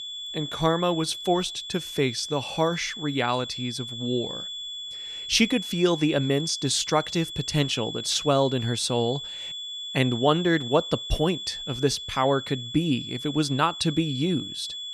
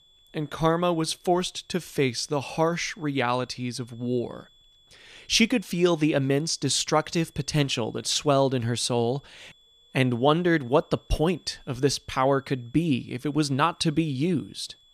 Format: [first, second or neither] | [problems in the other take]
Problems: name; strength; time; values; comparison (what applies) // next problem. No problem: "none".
second | high-pitched whine; loud; throughout; 3.5 kHz, 8 dB below the speech; faint in the second